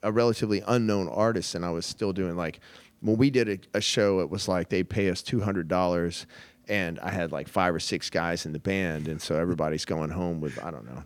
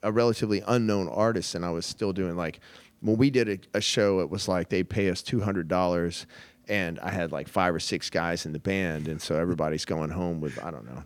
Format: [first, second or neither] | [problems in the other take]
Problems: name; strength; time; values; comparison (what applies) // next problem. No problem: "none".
neither | none